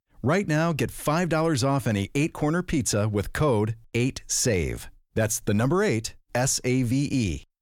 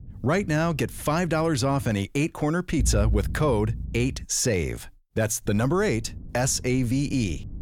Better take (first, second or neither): first